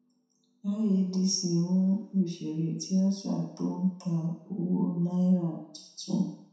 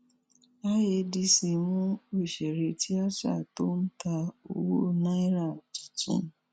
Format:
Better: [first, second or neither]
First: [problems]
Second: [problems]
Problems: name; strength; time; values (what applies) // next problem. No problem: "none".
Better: second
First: room echo; dies away in 0.7 s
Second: none